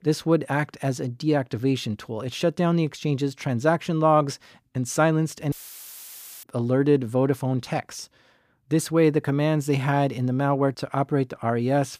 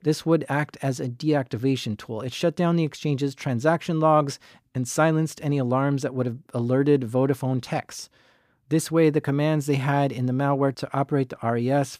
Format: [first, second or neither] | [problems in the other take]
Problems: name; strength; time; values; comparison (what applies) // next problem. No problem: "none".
second | audio cutting out; filled with static; at 5.5 s for 1 s